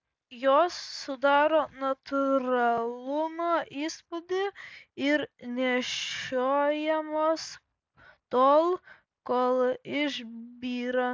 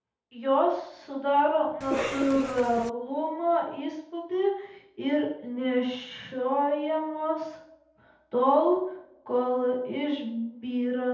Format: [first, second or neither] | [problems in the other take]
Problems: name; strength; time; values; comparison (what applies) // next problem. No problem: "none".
first | background sound (Cough); 6 dB below the speech // room echo; dies away in 2 s